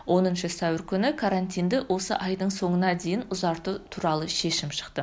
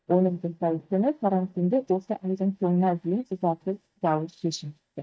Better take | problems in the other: first | noise reduction (neural mask model DeepFilterNet 3)

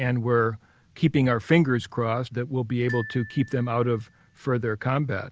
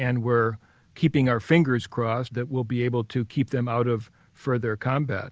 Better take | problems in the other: second | background sound (Glockenspiel); 17 dB below the speech

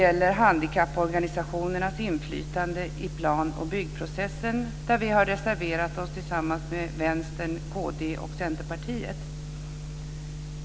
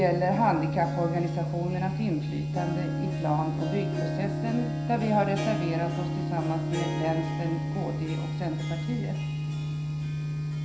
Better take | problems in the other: first | background sound (Harp); 10 dB below the speech // room echo; dies away in 0.5 s

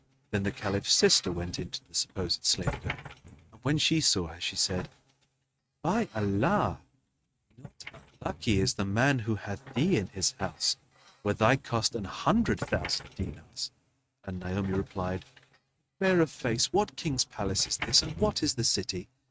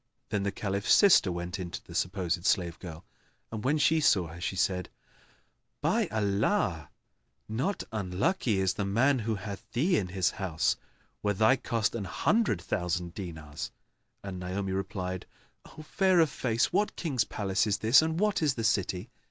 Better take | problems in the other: second | noise reduction (neural mask model RNNoise)

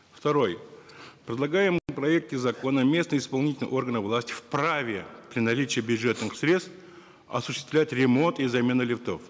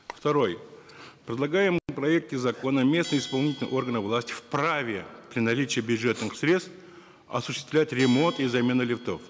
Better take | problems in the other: first | background sound (Telephone + Bell); 20 dB below the speech

